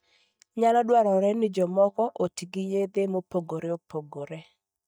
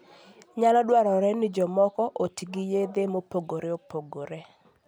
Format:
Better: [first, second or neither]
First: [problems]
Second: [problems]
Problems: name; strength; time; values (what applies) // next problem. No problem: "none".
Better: second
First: noise reduction (neural mask model DeepFilterNet 3)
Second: none